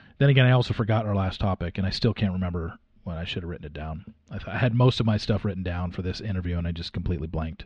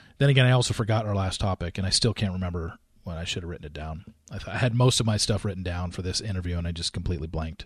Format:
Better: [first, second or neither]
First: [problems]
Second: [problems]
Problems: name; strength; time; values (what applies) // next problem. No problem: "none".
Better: second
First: muffled; slightly; fading above 3.5 kHz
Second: none